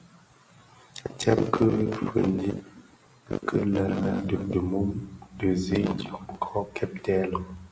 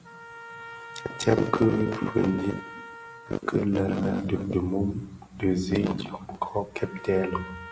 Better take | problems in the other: first | background sound (Trumpet); 17 dB below the speech

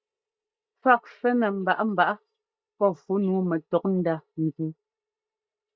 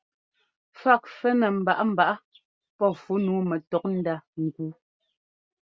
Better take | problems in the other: second | noise reduction (neural mask model DeepFilterNet 3)

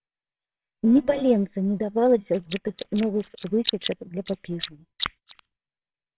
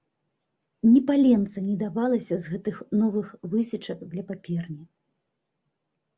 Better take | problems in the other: second | noise reduction (neural separator model SepFormer WHAMR!)

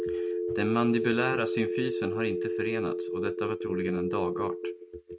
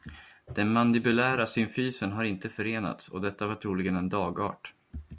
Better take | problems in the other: second | noise reduction (neural mask model RNNoise)

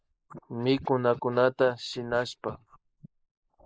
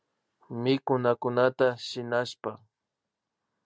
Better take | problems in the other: second | noise reduction (neural mask model Resemble Enhance denoiser)

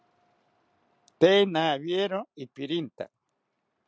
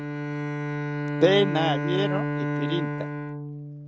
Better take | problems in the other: first | background sound (Bowed string instrument); as loud as the speech

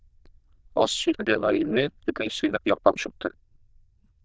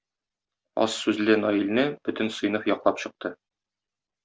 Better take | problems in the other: second | noise reduction (neural diffusion model UNIVERSE++)

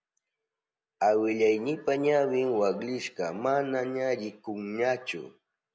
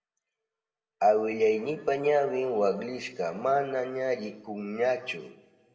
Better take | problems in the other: first | room echo; dies away in 1.6 s

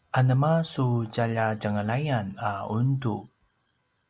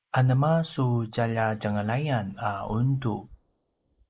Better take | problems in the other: first | noise reduction (neural mask model Resemble Enhance denoiser)

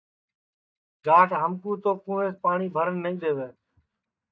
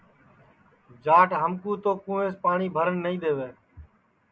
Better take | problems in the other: second | noise reduction (neural mask model DeepFilterNet 3)

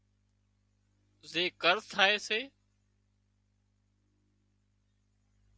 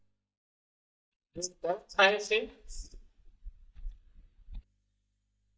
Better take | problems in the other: first | noise reduction (neural mask model DeepFilterNet 3)

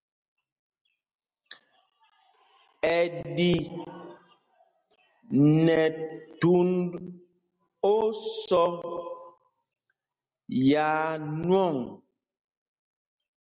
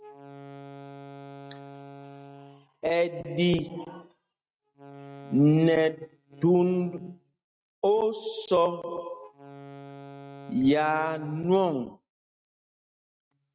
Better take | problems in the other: first | noise reduction (neural mask model RNNoise)

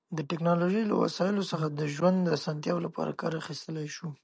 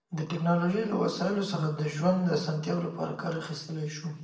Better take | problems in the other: first | room echo; dies away in 0.7 s

